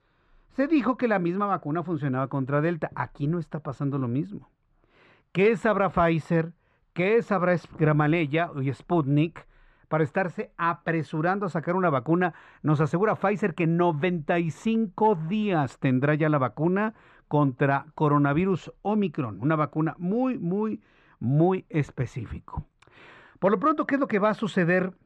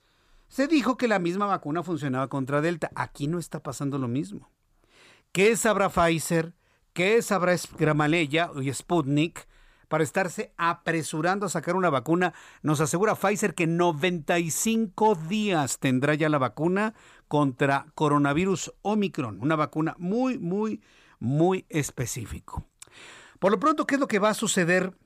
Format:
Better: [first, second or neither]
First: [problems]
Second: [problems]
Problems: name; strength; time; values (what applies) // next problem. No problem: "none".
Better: second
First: muffled; very; fading above 2 kHz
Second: none